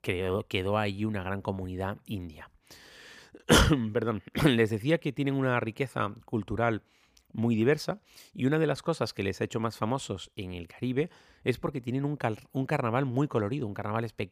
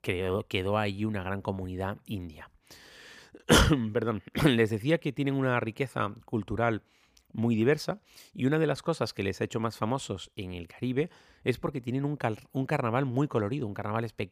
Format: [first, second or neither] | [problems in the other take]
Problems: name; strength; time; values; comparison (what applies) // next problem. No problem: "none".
neither | none